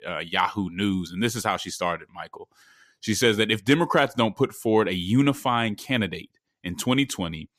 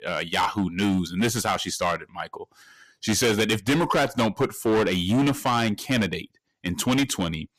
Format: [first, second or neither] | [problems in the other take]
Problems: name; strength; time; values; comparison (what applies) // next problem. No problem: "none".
first | distortion; heavy; 11% of the sound clipped